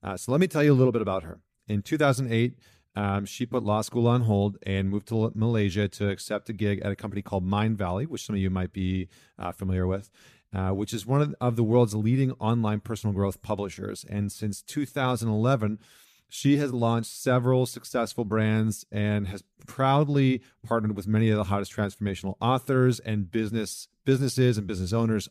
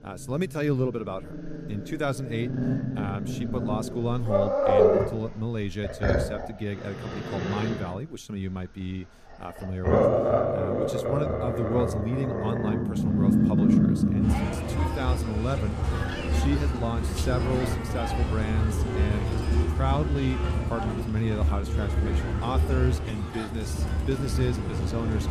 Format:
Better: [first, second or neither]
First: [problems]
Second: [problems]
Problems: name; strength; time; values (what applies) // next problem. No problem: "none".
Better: first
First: none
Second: animal sounds; very loud; throughout; 5 dB above the speech